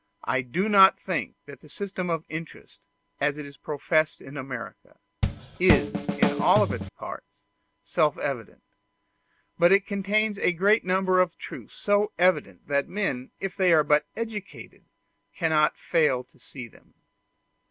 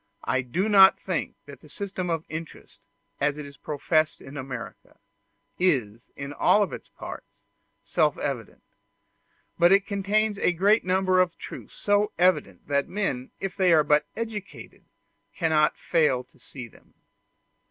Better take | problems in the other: second | background sound (Drum kit); 1 dB above the speech

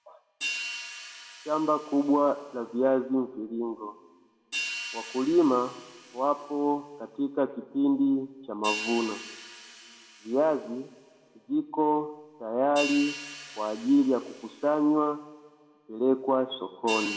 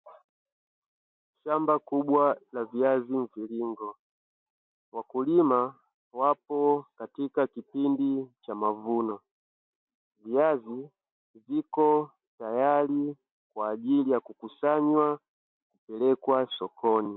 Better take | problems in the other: second | background sound (Hi-hat); 13 dB below the speech // room echo; dies away in 1 s

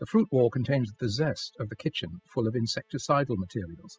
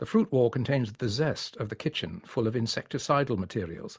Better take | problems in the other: second | noise reduction (classical method spectral subtraction)

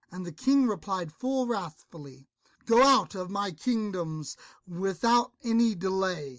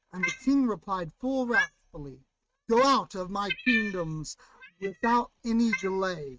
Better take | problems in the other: first | noise reduction (neural mask model RNNoise)

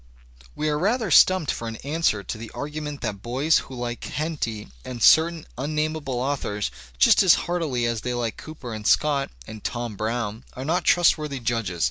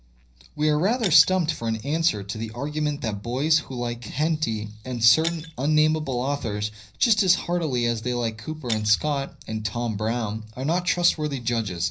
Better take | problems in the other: first | background sound (Shatter); 18 dB below the speech // room echo; dies away in 0.5 s

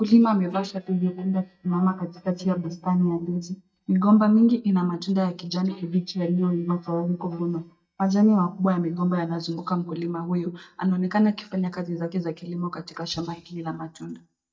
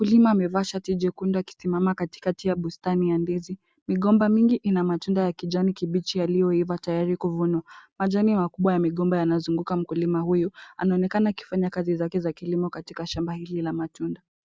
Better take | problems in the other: second | noise reduction (neural mask model DeepFilterNet 3)

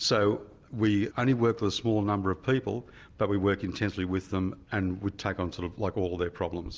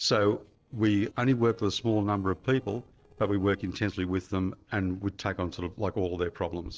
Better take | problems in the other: first | noise reduction (neural separator model SepFormer DNS4)

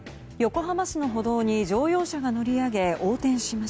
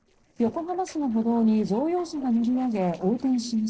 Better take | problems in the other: first | noise reduction (neural separator model SepFormer DNS4)

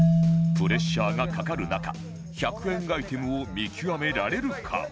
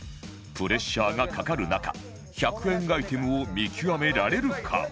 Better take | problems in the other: second | background sound (Marimba, xylophone); 2 dB above the speech

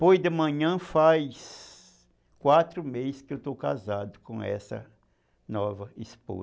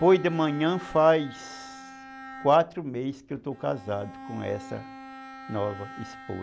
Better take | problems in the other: first | background sound (Bowed string instrument); 16 dB below the speech

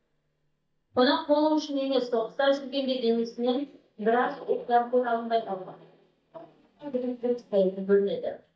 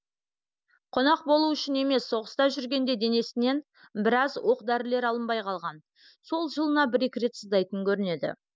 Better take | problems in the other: second | noise reduction (neural mask model DeepFilterNet 3)

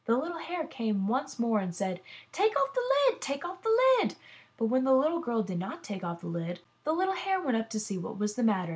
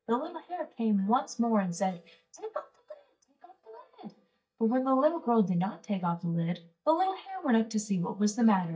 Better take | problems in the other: first | noise reduction (neural mask model DeepFilterNet 3)

